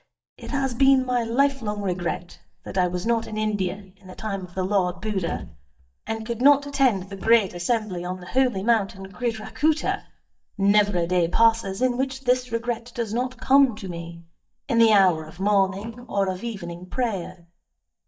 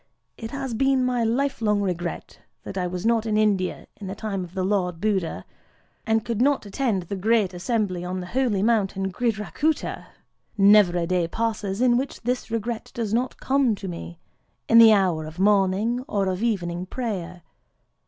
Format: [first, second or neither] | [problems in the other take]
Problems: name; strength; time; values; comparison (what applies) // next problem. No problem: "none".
second | noise reduction (neural mask model DeepFilterNet 3)